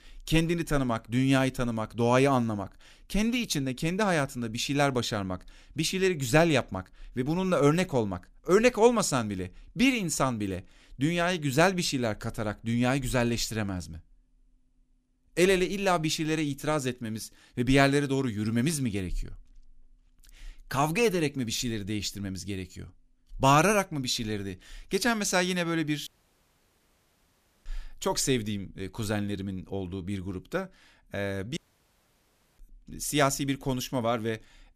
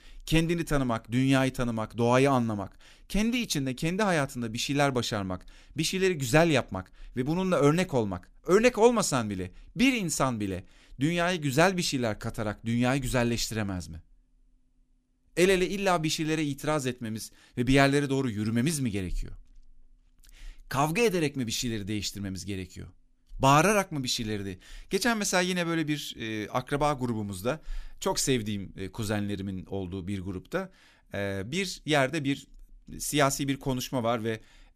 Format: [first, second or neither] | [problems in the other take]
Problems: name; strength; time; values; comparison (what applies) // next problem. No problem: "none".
second | audio cutting out; at 26 s for 1.5 s and at 32 s for 1 s